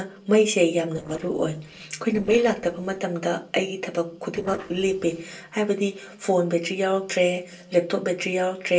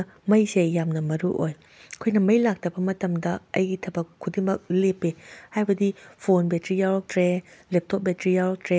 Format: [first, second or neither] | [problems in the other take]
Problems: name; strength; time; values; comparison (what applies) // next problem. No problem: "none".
second | noise reduction (neural separator model SepFormer DNS4)